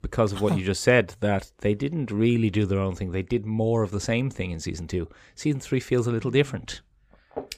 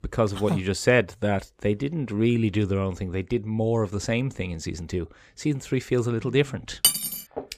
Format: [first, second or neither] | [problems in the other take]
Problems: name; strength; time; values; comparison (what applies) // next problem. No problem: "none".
first | clattering dishes; loud; at 7 s; peak 5 dB above the speech